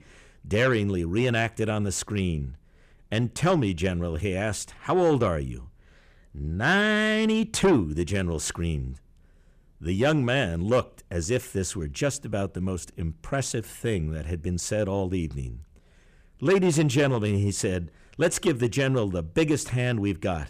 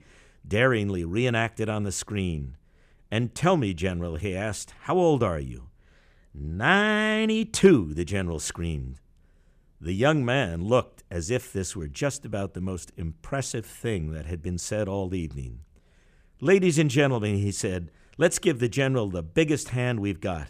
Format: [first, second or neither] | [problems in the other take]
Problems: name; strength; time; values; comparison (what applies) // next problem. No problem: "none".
second | distortion; slight; 10 dB below the speech